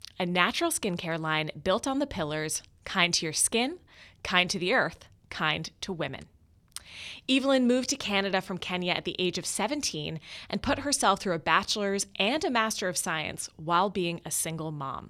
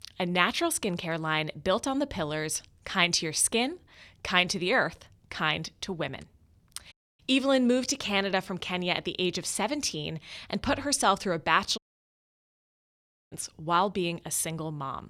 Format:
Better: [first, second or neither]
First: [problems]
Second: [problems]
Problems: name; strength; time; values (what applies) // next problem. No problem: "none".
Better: first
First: none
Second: audio cutting out; at 7 s and at 12 s for 1.5 s